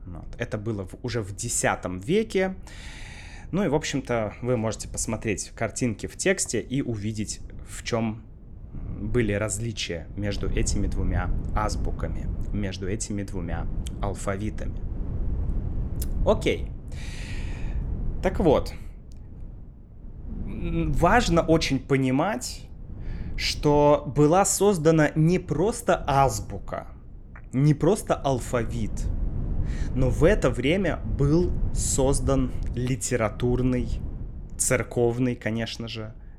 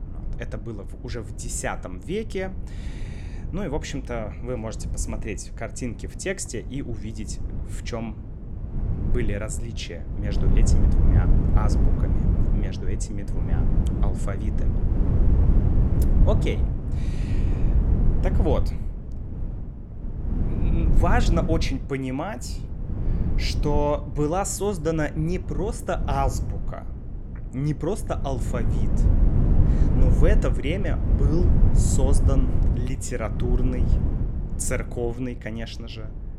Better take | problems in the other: first | wind noise on the microphone; heavy; 7 dB below the speech; occasional gusts in the first

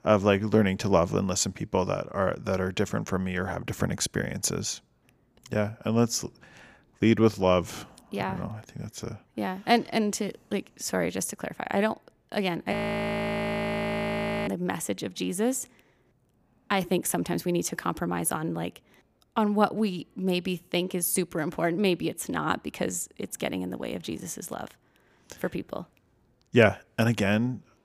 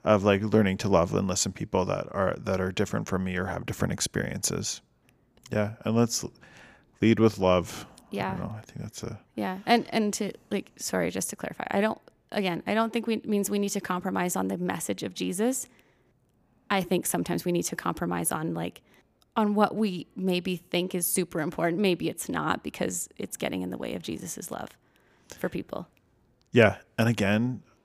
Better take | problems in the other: second | audio freezing; at 13 s for 1.5 s

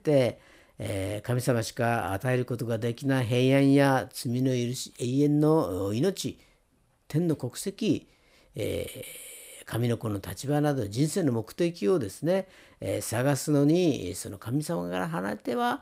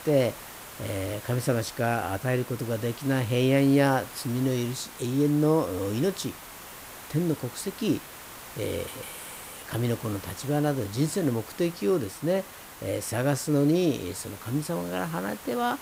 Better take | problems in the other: first | hiss; noticeable; throughout; 15 dB below the speech

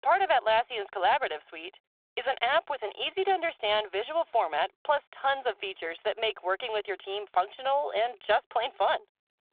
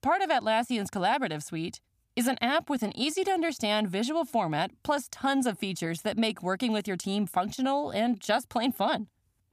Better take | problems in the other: second | phone-call audio

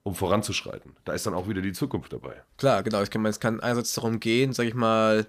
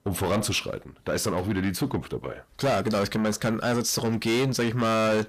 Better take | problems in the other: first | distortion; heavy; 8 dB below the speech

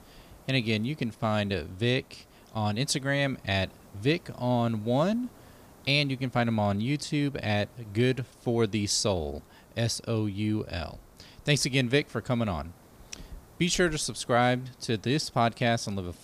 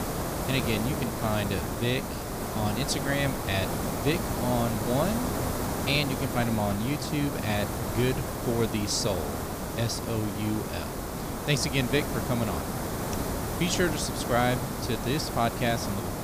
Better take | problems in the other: first | hiss; loud; throughout; 2 dB below the speech; faint in the first

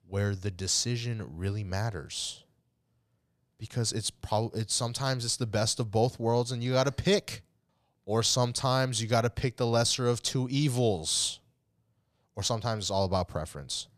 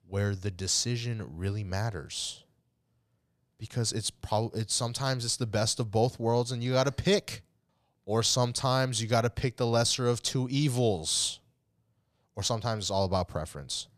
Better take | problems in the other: neither | none

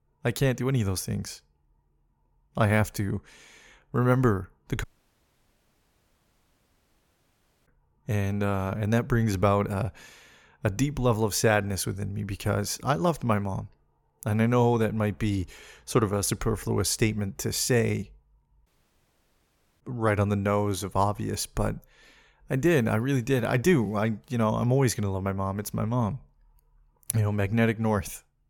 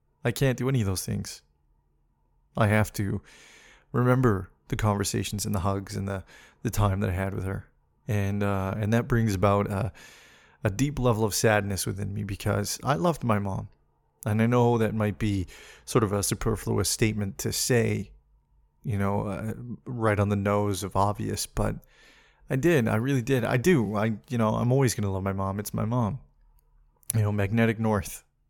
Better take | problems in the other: second | audio cutting out; at 5 s for 3 s and at 19 s for 1 s

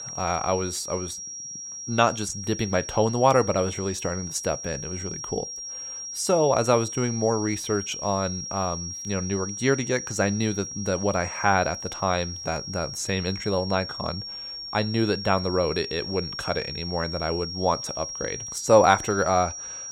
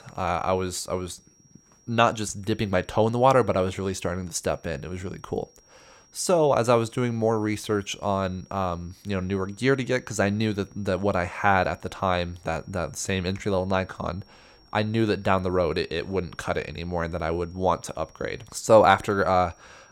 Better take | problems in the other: second | high-pitched whine; loud; throughout; 5.5 kHz, 7 dB below the speech; faint in the second

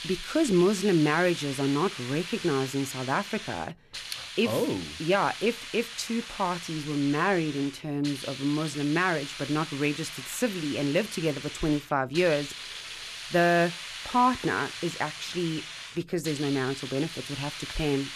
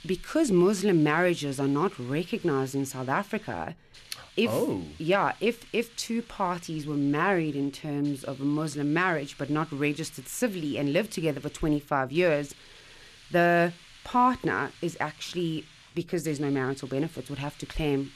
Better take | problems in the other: second | hiss; loud; throughout; 9 dB below the speech; faint in the second

